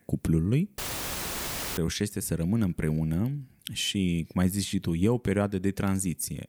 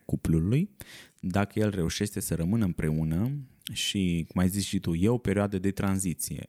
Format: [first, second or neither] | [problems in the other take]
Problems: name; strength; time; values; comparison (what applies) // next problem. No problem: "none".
second | audio cutting out; filled with static; at 1 s for 1 s